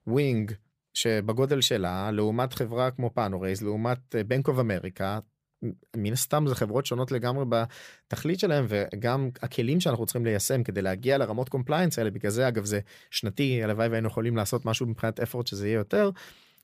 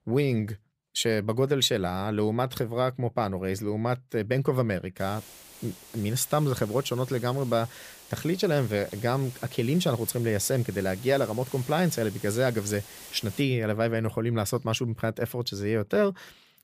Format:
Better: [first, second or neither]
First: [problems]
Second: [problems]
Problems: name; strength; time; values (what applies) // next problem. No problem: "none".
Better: first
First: none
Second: hiss; noticeable; from 5 to 13 s; 15 dB below the speech